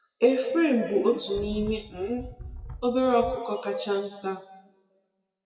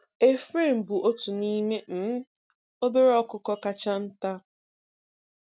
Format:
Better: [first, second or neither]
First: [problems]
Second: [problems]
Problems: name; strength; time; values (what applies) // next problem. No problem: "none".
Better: second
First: noise reduction (classical method WPE with log-MMSE)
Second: none